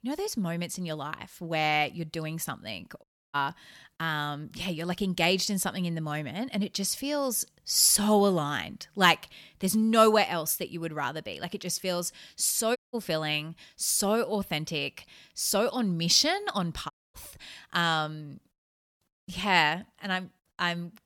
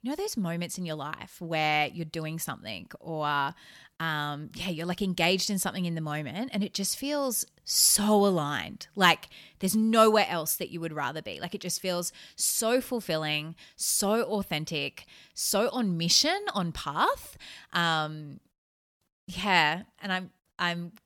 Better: second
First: audio cutting out; at 3 s, at 13 s and at 17 s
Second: none

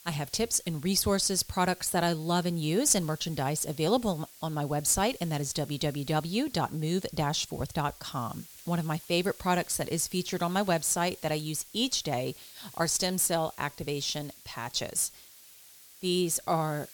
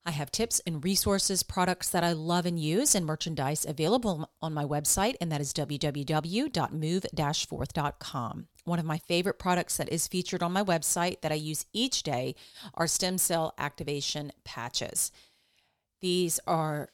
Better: second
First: hiss; noticeable; throughout; 20 dB below the speech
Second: none

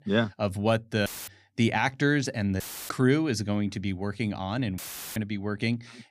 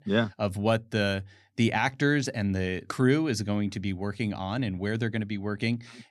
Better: second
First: audio cutting out; filled with static; at 1 s, at 2.5 s and at 5 s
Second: none

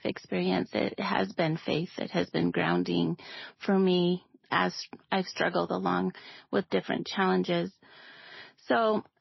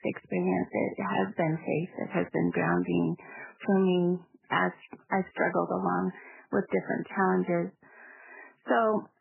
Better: first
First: garbled, watery; slightly; nothing above 5.5 kHz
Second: garbled, watery; badly; nothing above 3 kHz

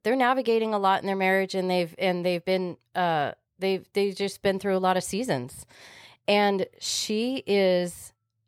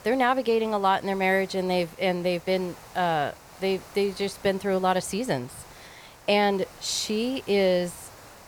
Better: first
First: none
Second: hiss; faint; throughout; 20 dB below the speech

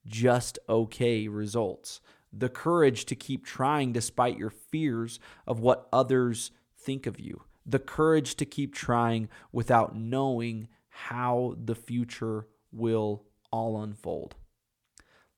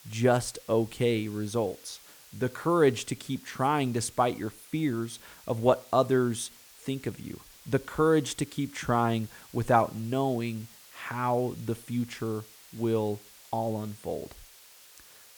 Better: first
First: none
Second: hiss; faint; throughout; 20 dB below the speech

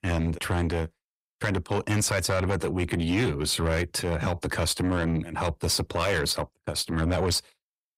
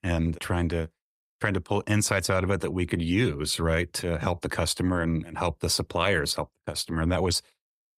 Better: second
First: distortion; slight; 10 dB below the speech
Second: none

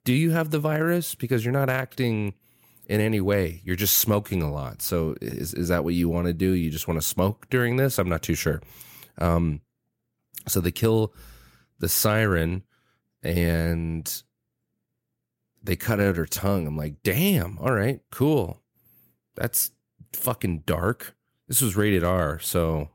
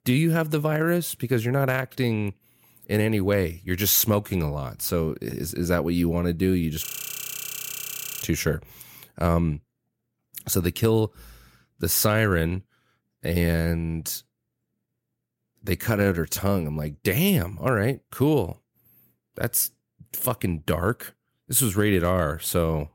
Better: first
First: none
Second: audio freezing; at 7 s for 1.5 s

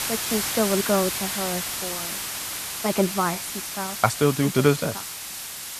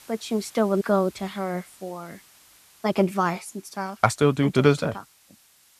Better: second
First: hiss; loud; throughout; 3 dB below the speech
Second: hiss; faint; throughout; 25 dB below the speech

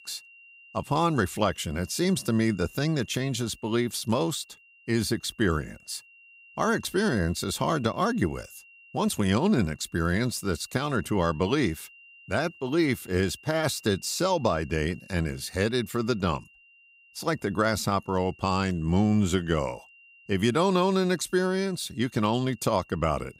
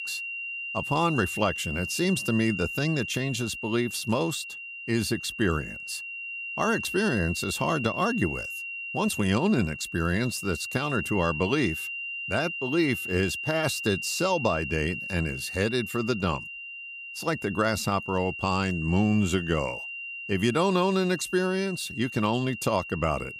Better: first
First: high-pitched whine; faint; throughout; 3 kHz, 25 dB below the speech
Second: high-pitched whine; loud; throughout; 3 kHz, 6 dB below the speech

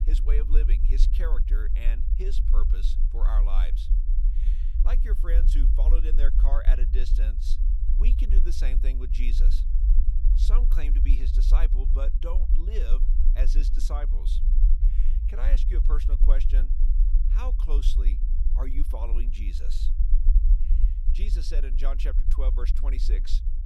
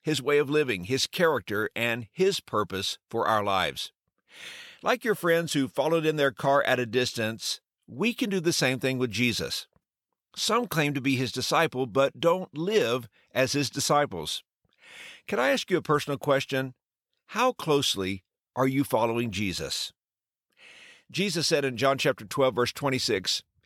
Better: second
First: low rumble; loud; throughout; 7 dB below the speech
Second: none

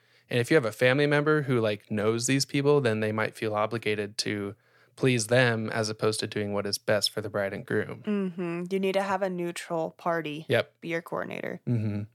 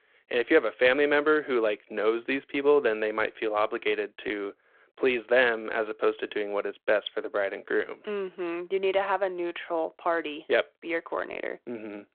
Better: first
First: none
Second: phone-call audio

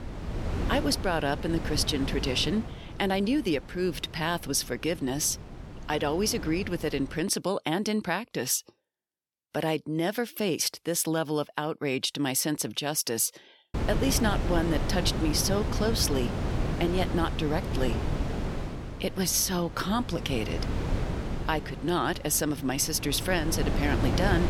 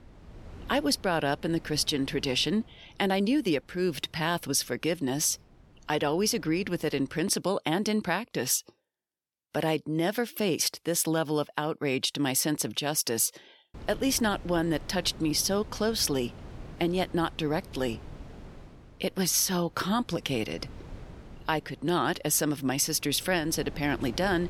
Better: second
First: wind noise on the microphone; heavy; until 7 s and from 14 s on; 8 dB below the speech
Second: wind noise on the microphone; occasional gusts; until 7 s and from 14 s on; 25 dB below the speech

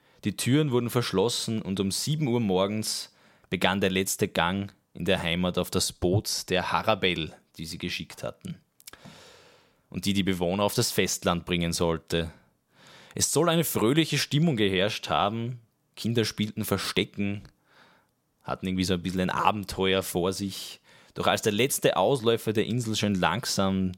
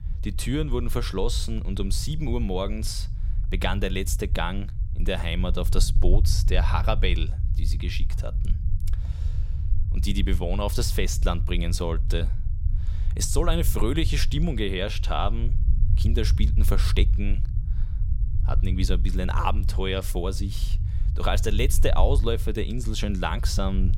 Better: first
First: none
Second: low rumble; noticeable; throughout; 15 dB below the speech

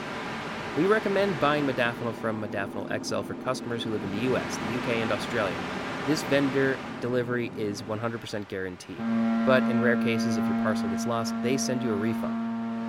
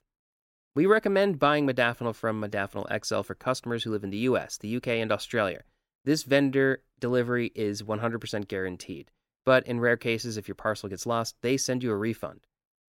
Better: second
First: train or aircraft noise; loud; throughout; 2 dB below the speech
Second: none

